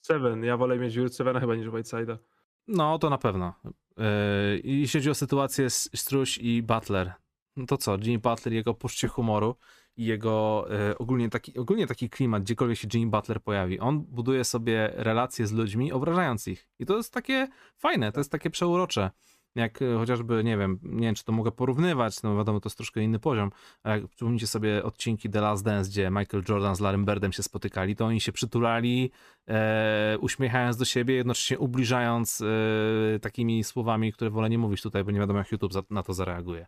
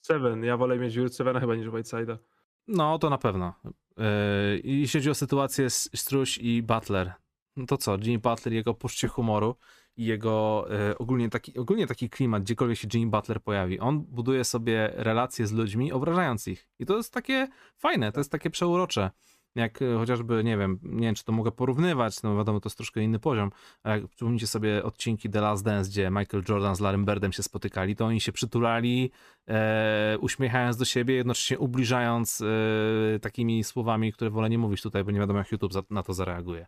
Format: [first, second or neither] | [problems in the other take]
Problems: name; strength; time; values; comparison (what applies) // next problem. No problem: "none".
neither | none